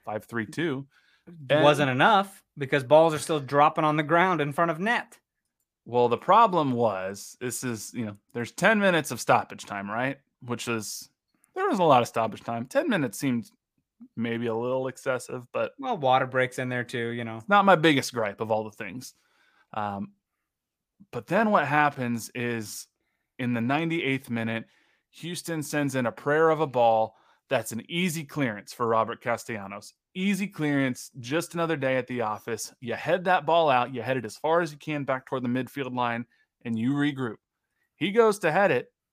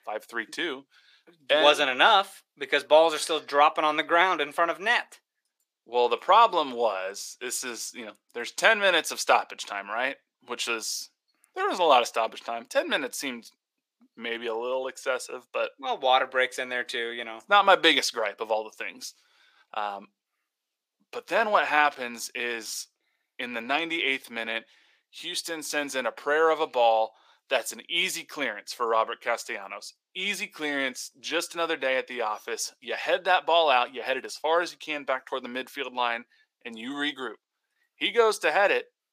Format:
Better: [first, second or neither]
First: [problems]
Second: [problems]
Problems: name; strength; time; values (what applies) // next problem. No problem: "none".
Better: first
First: none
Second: thin; somewhat; fading below 400 Hz